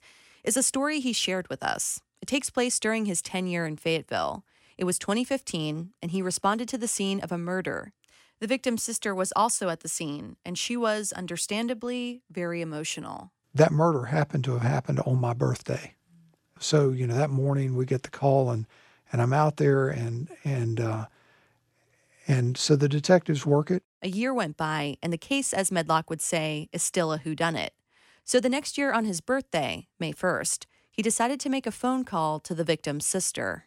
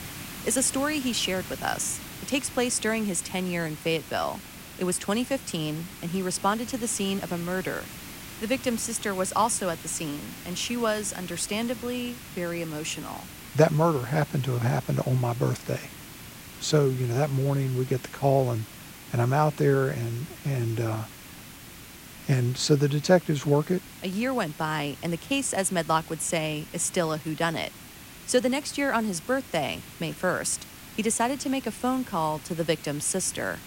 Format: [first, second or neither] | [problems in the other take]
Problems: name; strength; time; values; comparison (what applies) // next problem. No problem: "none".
first | hiss; noticeable; throughout; 15 dB below the speech